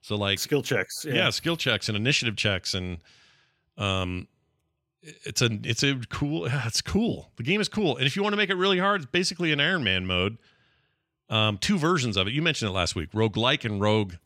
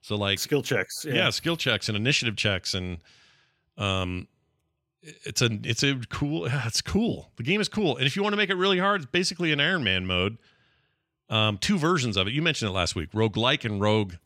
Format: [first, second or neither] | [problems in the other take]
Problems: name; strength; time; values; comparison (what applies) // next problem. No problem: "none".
neither | none